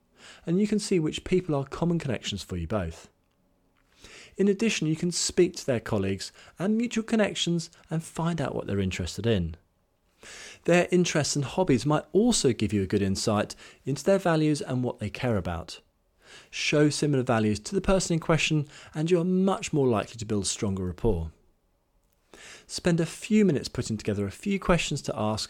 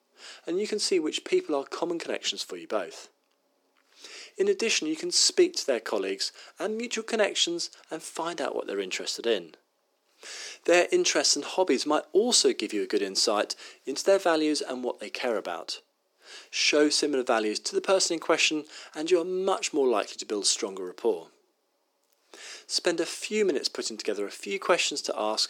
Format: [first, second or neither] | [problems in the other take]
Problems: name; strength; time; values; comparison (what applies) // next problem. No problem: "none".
first | thin; somewhat; fading below 300 Hz